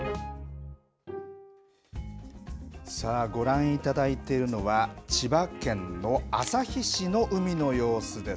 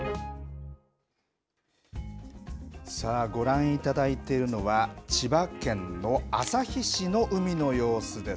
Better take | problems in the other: second | background sound (Bowed string instrument); 20 dB below the speech

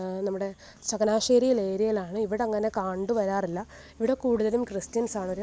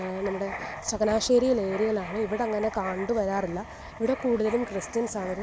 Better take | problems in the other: first | background sound (Writing); 12 dB below the speech

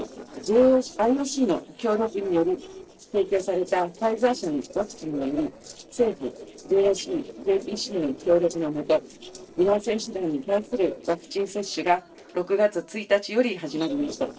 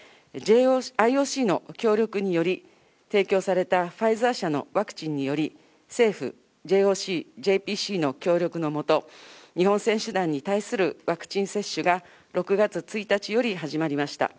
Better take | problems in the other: second | noise reduction (neural separator model SepFormer DNS4)

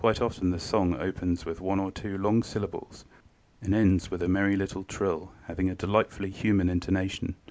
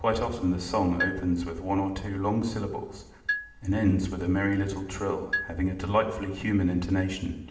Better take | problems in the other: first | background sound (Marimba, xylophone); 10 dB below the speech // room echo; dies away in 0.9 s

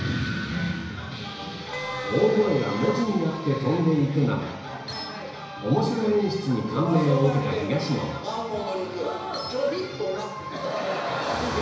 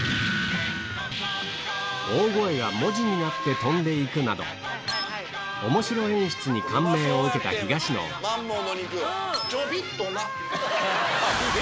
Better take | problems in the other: second | background sound (Wind instrument, woodwind instrument); 8 dB below the speech // room echo; dies away in 1 s

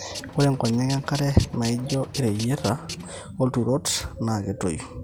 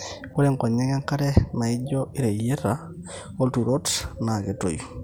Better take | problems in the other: second | background sound (Tools); 13 dB below the speech

